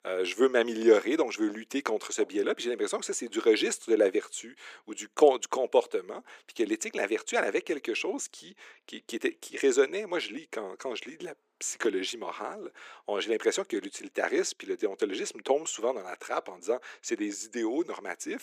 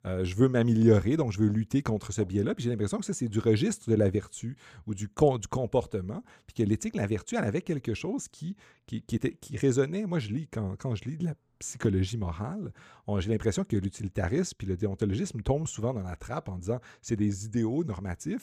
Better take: second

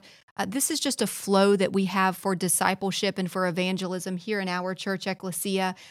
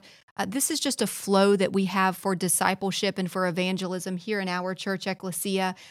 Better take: neither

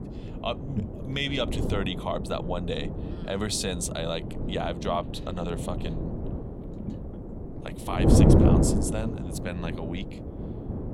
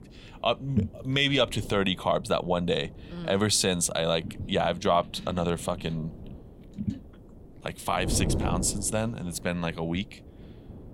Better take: second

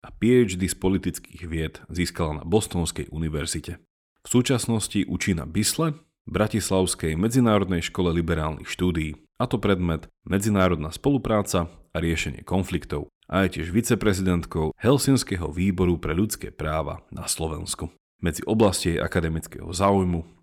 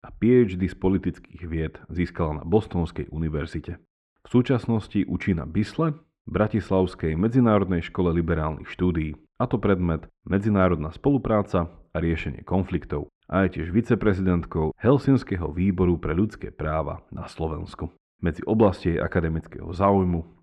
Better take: first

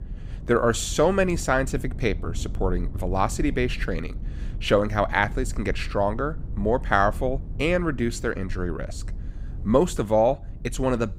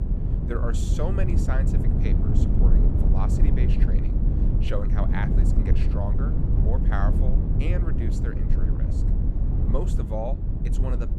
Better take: first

